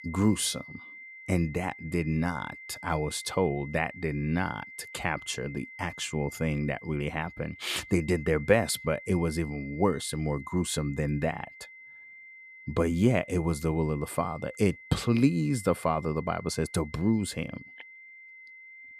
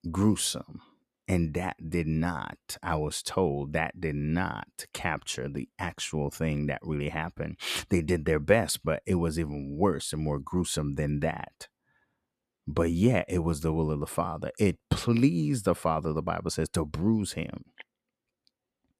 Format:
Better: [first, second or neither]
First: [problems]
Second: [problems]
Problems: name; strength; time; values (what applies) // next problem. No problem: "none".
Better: second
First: high-pitched whine; noticeable; throughout; 2 kHz, 15 dB below the speech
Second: none